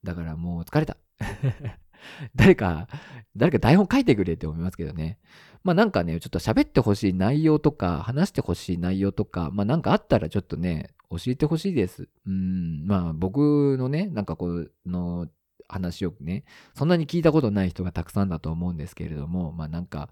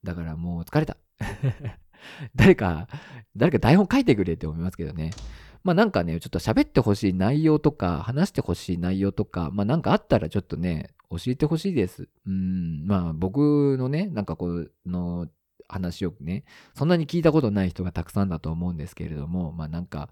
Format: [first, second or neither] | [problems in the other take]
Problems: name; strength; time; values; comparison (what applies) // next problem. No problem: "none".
first | door banging; faint; at 5 s; peak 20 dB below the speech